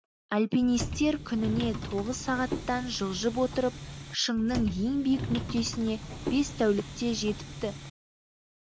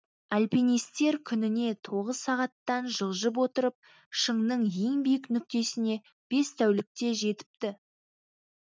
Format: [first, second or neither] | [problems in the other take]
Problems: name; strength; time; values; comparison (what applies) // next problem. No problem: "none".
second | background sound (Subway, metro, underground); 8 dB below the speech